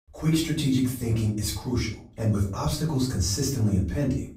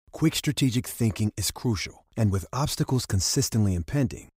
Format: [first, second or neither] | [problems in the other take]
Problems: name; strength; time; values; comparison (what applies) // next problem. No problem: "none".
second | off-mic speech; far // room echo; slight; dies away in 0.4 s